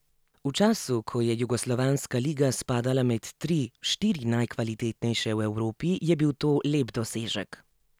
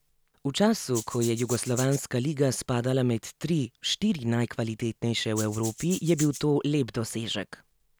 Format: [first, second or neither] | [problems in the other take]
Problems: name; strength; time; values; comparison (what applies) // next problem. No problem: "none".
first | background sound (Rattle (instrument)); 11 dB below the speech